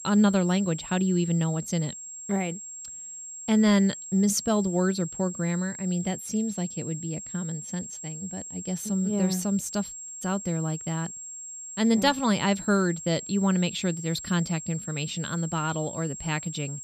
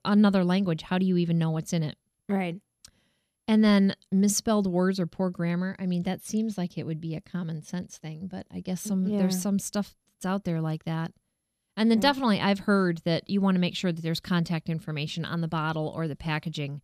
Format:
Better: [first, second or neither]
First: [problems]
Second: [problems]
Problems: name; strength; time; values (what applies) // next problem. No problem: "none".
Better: second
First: high-pitched whine; loud; throughout; 7.5 kHz, 10 dB below the speech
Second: none